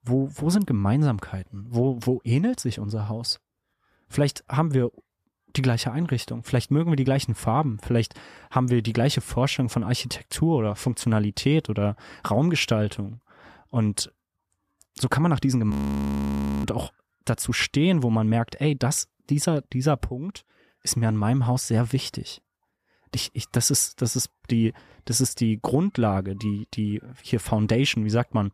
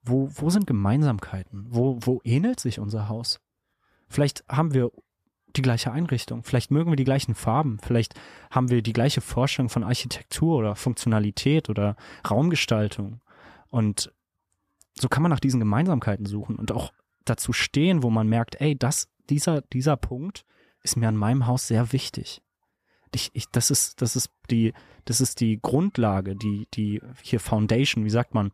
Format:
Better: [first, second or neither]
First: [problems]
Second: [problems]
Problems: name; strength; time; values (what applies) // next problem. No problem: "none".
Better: second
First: audio freezing; at 16 s for 1 s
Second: none